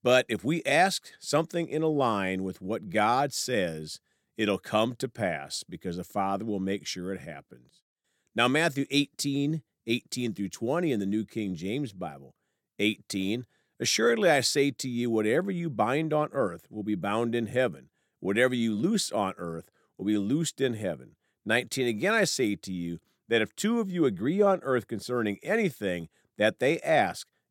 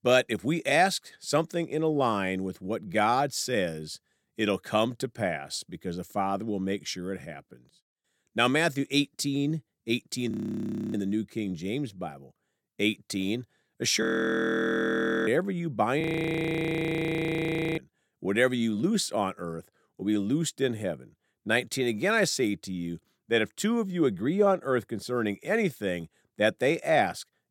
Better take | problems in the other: first | audio freezing; at 10 s for 0.5 s, at 14 s for 1 s and at 16 s for 2 s

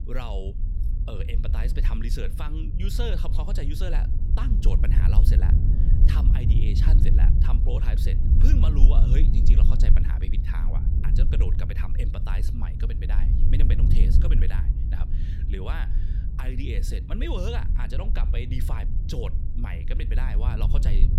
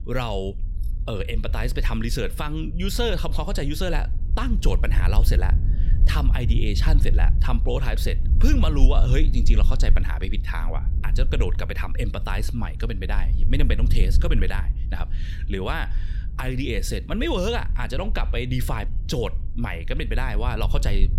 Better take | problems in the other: second | wind noise on the microphone; heavy; 3 dB below the speech; occasional gusts in the second

